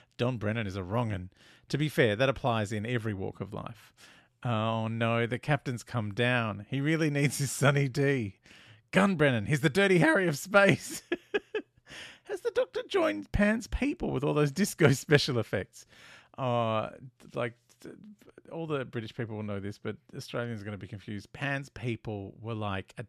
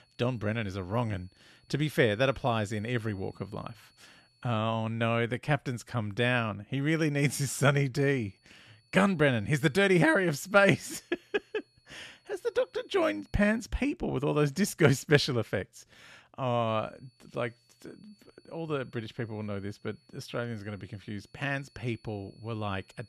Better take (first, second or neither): first